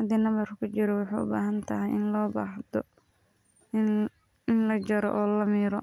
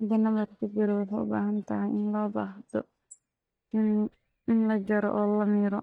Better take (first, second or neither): first